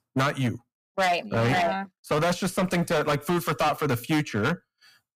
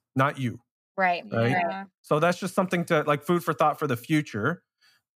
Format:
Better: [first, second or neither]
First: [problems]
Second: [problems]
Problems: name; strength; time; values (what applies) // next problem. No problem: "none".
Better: second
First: distortion; heavy; 15% of the sound clipped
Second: none